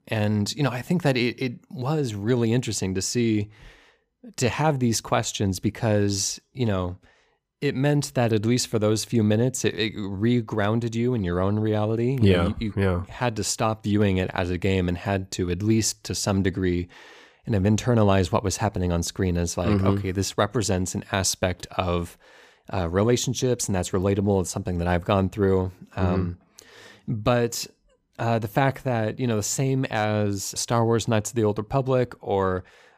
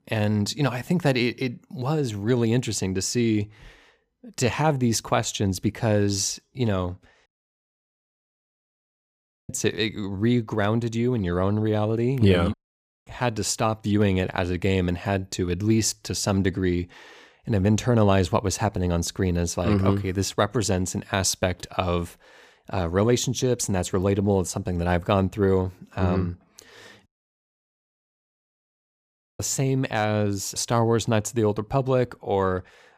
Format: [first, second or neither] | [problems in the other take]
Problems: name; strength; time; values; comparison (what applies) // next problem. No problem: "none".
first | audio cutting out; at 7.5 s for 2 s, at 13 s for 0.5 s and at 27 s for 2.5 s